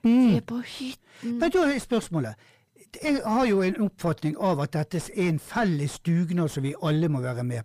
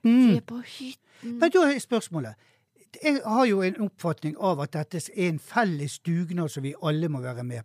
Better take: second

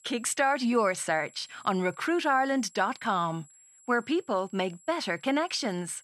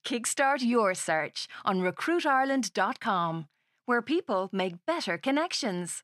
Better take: second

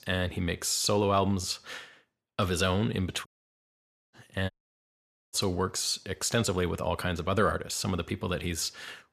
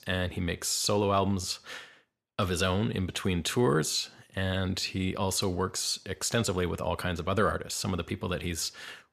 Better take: second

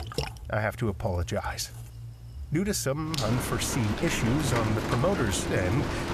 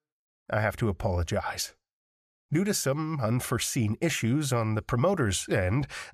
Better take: second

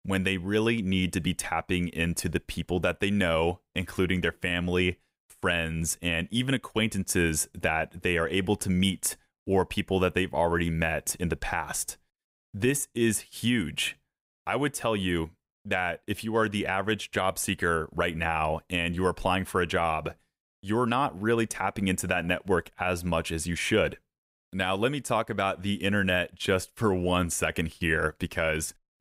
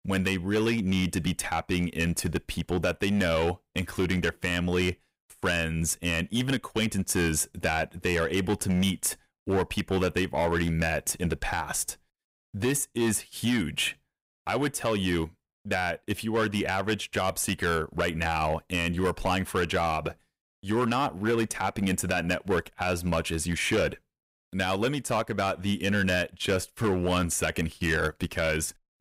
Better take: first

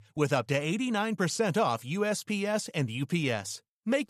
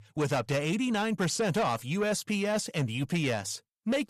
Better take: first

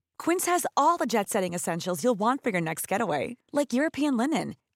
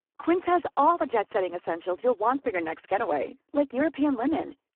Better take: first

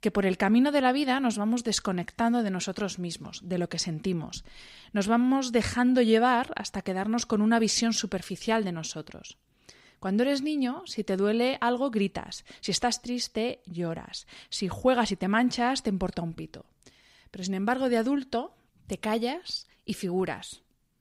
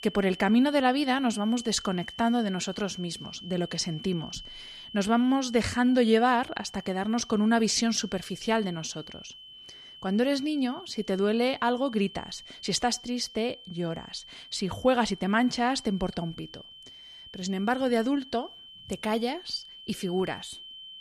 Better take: first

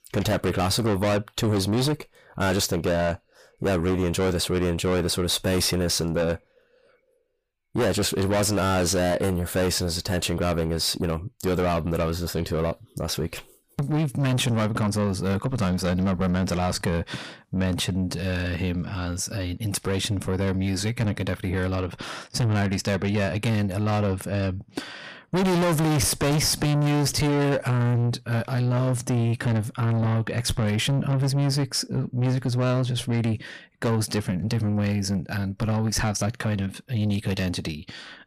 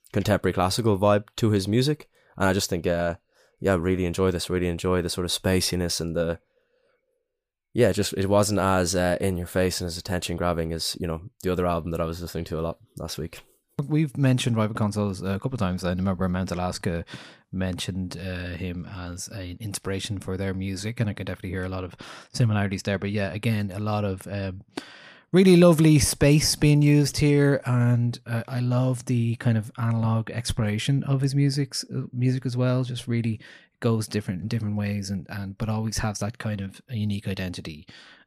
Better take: second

